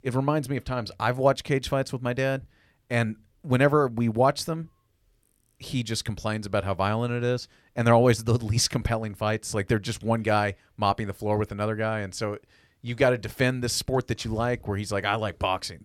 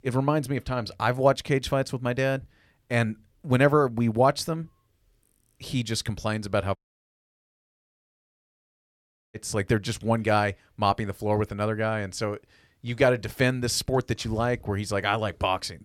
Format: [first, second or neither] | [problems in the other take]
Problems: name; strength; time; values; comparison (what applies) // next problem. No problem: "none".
first | audio cutting out; at 7 s for 2.5 s